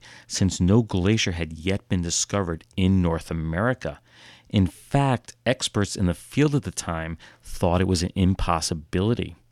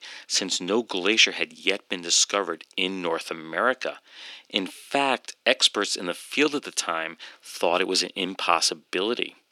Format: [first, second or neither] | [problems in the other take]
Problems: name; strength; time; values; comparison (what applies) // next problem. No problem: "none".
first | thin; somewhat; fading below 300 Hz